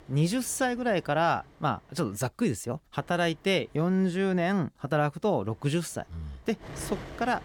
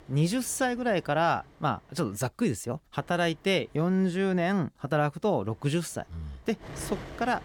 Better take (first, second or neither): neither